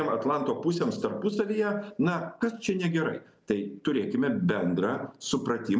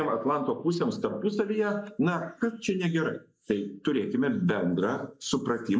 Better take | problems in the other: first | noise reduction (neural mask model Resemble Enhance denoiser)

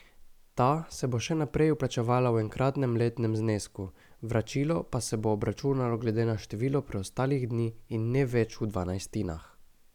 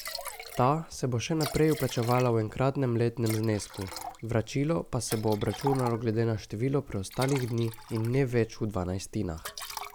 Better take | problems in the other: first | background sound (Liquid); 14 dB below the speech

